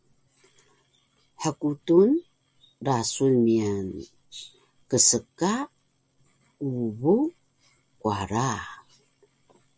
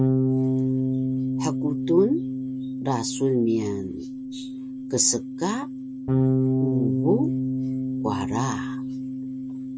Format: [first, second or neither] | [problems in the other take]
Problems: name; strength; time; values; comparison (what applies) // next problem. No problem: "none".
first | background sound (Bass guitar); 2 dB above the speech